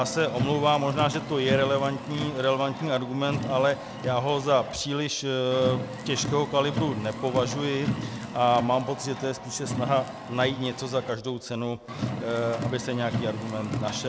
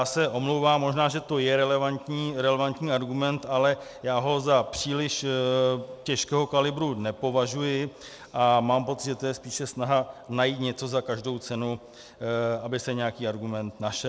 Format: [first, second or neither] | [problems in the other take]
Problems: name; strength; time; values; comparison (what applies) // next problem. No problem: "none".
second | background sound (Car); 7 dB below the speech